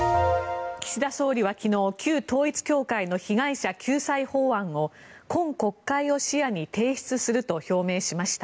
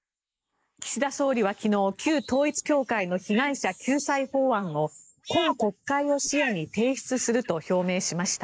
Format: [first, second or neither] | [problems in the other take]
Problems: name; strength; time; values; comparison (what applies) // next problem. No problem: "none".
first | noise reduction (neural mask model Resemble Enhance denoiser)